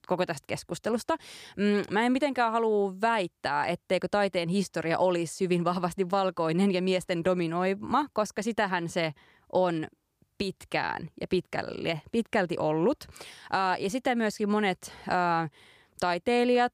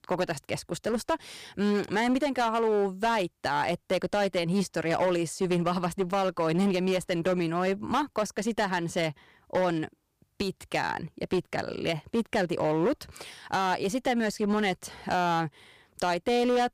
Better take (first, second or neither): first